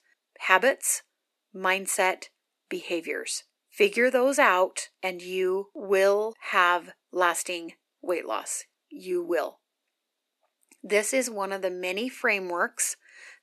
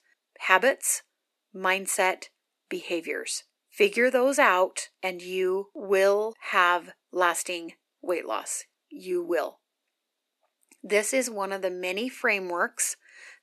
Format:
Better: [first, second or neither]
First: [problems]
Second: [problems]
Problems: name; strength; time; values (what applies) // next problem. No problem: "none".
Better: neither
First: thin; somewhat; fading below 250 Hz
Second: thin; somewhat; fading below 250 Hz